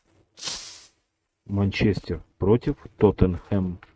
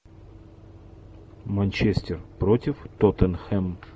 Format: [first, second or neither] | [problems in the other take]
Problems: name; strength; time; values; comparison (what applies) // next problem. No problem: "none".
second | noise reduction (neural mask model RNNoise)